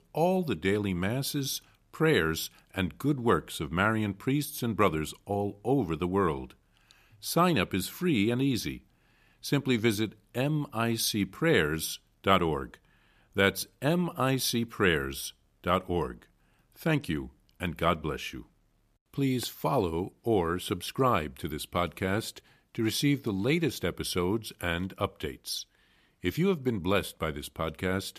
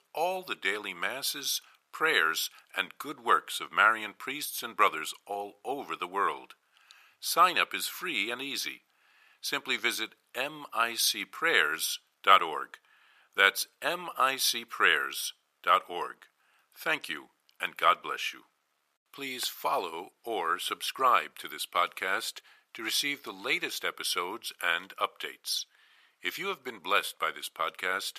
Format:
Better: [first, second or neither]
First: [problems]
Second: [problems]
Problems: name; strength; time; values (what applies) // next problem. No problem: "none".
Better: first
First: none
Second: thin; very; fading below 750 Hz